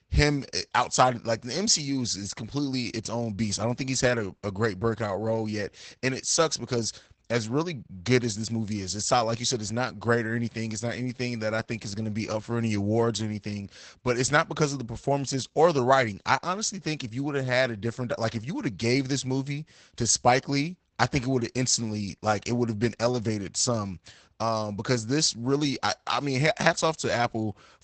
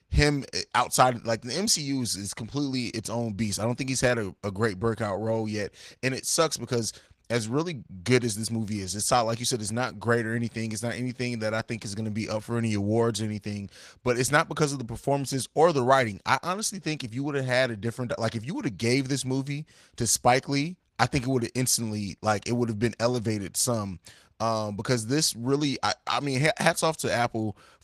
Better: second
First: garbled, watery; badly; nothing above 8 kHz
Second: garbled, watery; slightly; nothing above 12 kHz

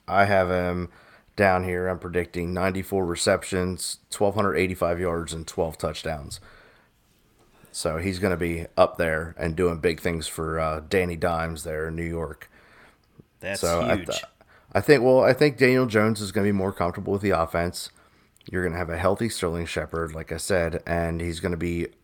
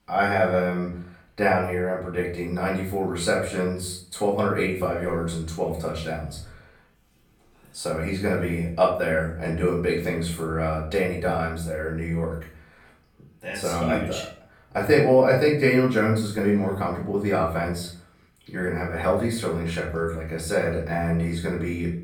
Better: first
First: none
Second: off-mic speech; far // room echo; noticeable; dies away in 0.4 s

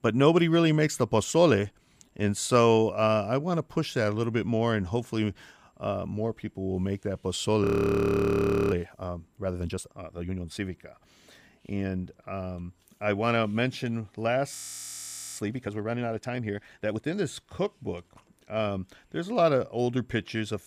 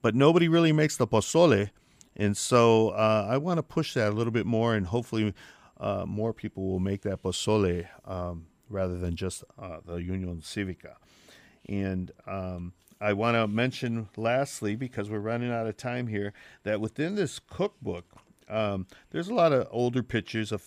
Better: second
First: audio freezing; at 7.5 s for 1 s and at 15 s for 1 s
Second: none

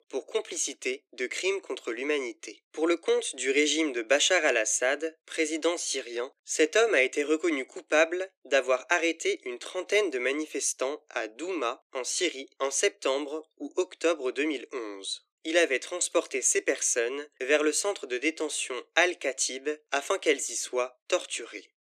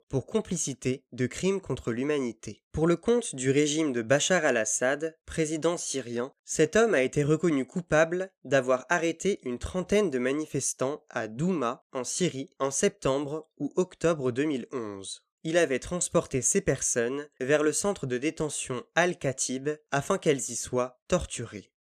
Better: second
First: thin; somewhat; fading below 300 Hz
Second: none

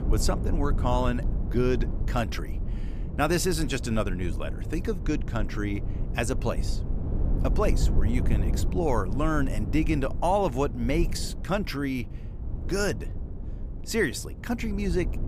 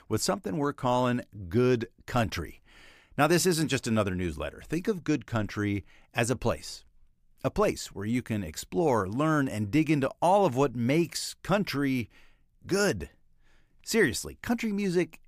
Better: second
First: low rumble; noticeable; throughout; 15 dB below the speech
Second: none

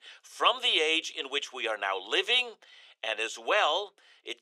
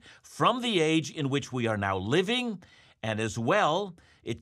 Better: second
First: thin; very; fading below 400 Hz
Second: none

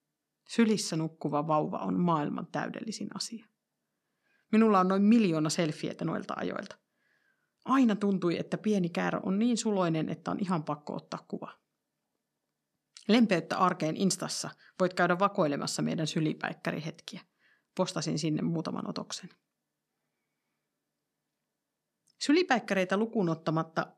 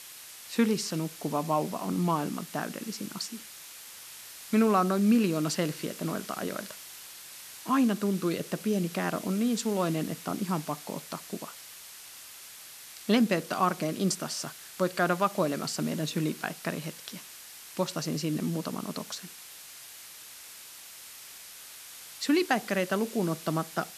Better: first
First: none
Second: hiss; noticeable; throughout; 15 dB below the speech

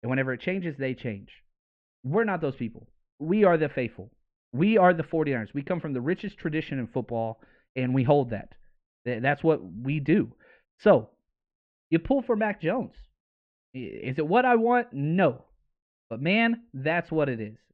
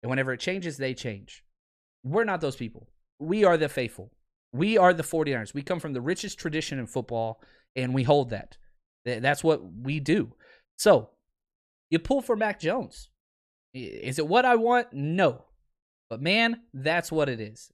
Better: second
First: muffled; very; fading above 2.5 kHz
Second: none

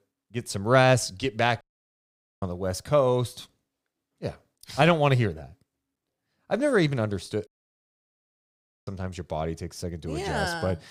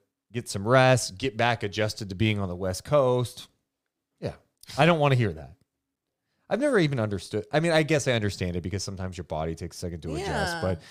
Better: second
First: audio cutting out; at 1.5 s for 1 s and at 7.5 s for 1.5 s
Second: none

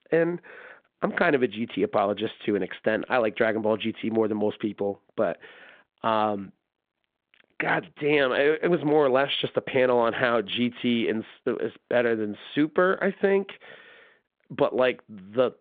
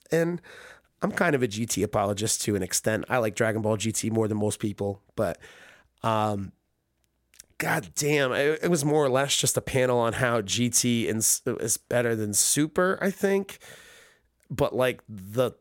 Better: second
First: phone-call audio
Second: none

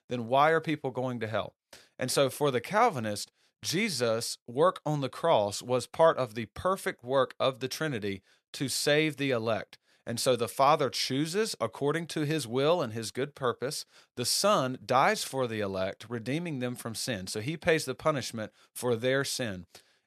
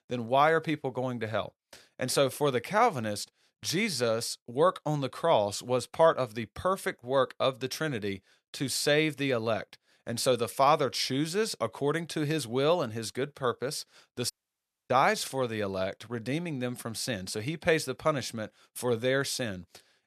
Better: first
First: none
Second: audio cutting out; at 14 s for 0.5 s

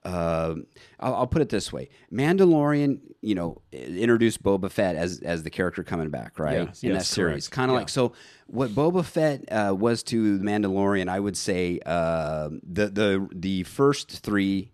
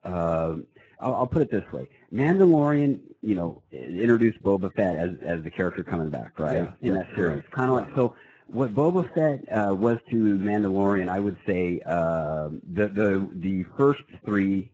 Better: first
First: none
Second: garbled, watery; badly; nothing above 7.5 kHz

